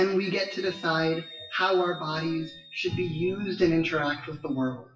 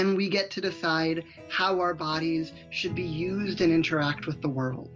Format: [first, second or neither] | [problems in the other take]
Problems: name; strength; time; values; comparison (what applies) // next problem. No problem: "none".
second | noise reduction (classical method WPE with log-MMSE)